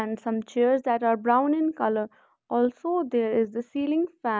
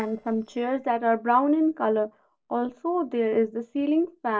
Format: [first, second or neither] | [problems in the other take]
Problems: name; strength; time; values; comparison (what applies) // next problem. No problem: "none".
first | noise reduction (neural separator model SepFormer DNS4)